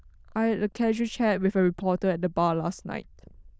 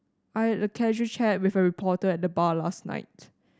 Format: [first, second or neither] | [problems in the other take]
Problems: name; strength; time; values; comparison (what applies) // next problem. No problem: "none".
second | noise reduction (neural diffusion model UNIVERSE++)